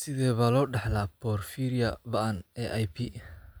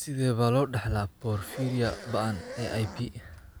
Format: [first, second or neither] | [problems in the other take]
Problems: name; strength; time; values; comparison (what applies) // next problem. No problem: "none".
first | background sound (Zipper (clothing)); 15 dB below the speech